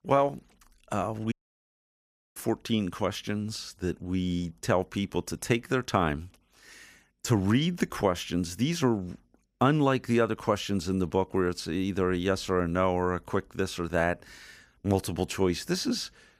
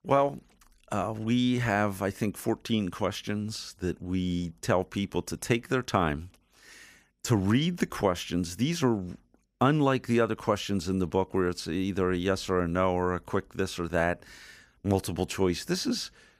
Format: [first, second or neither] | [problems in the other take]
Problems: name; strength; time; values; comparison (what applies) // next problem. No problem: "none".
second | audio cutting out; at 1.5 s for 1 s